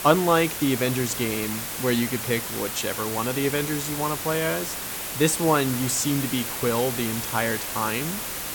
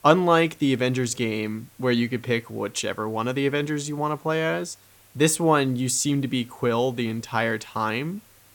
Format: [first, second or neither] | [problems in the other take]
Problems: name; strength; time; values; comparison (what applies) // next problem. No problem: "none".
second | hiss; loud; throughout; 4 dB below the speech; faint in the second